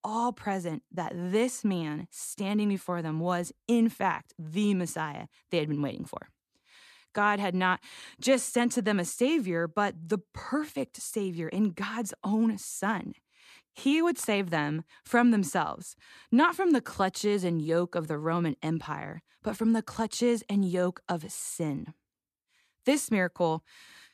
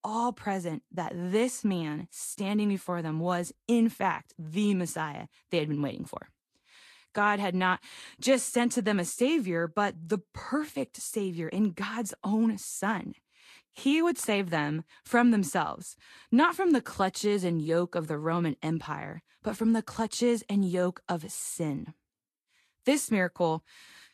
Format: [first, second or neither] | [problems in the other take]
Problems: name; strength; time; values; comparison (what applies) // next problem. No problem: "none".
first | garbled, watery; slightly; nothing above 12.5 kHz